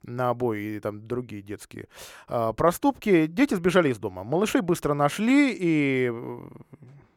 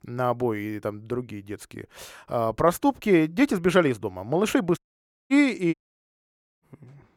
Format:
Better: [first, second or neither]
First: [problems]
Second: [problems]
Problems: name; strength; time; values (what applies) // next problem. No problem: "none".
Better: first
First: none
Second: audio cutting out; at 5 s for 0.5 s and at 5.5 s for 1 s